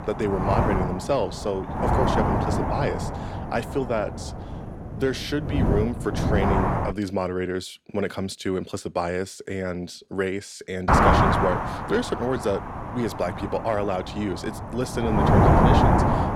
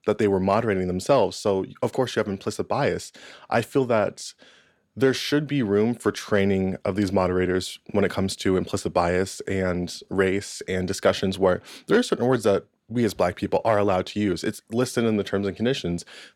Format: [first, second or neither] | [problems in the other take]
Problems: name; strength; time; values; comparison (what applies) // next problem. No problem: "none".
second | wind noise on the microphone; heavy; until 7 s and from 11 s on; 4 dB above the speech